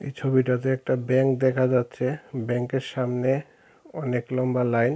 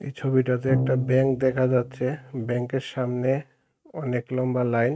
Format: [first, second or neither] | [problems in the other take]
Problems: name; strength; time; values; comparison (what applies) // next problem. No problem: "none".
first | noise reduction (neural mask model RNNoise)